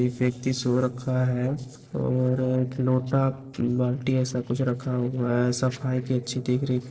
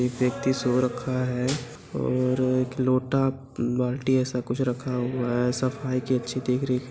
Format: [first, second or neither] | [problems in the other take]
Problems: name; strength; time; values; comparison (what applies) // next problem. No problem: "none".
second | noise reduction (neural separator model SepFormer DNS4)